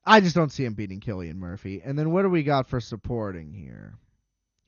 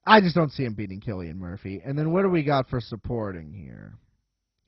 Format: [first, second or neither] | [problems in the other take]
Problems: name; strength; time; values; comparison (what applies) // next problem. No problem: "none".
first | garbled, watery; badly; nothing above 5.5 kHz; slightly in the first